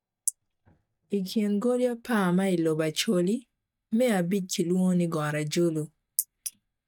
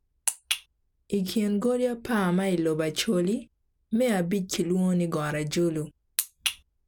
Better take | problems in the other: second | noise reduction (neural mask model DeepFilterNet 3)

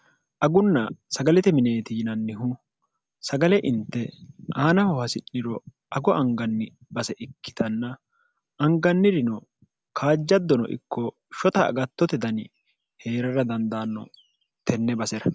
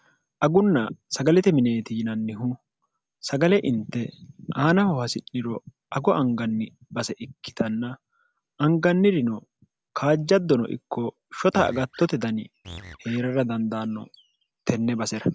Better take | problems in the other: first | background sound (Animal); 19 dB below the speech

